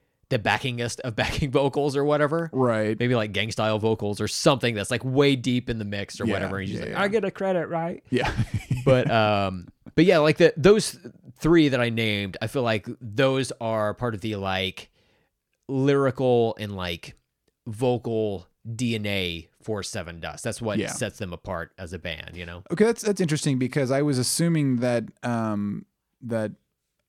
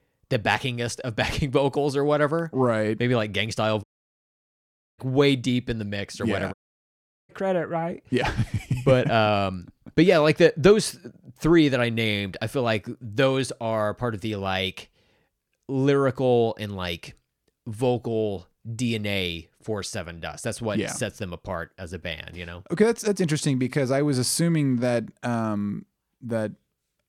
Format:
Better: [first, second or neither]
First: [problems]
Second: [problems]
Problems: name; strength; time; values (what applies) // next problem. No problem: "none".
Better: first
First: none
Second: audio cutting out; at 4 s for 1 s and at 6.5 s for 1 s